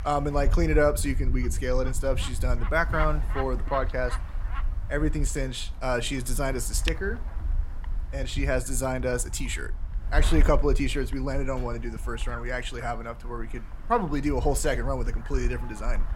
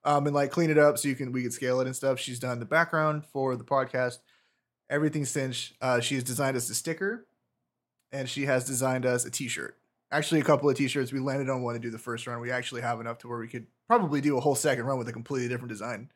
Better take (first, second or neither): second